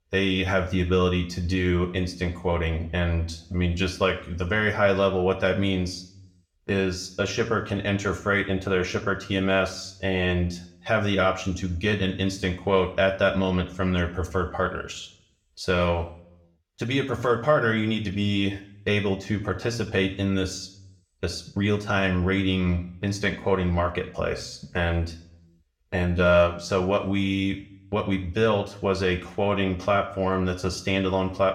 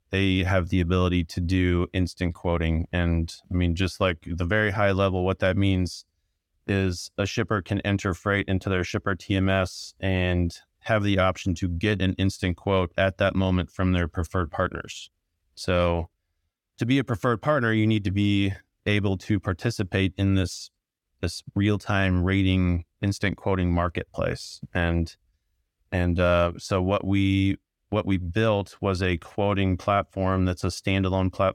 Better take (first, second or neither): second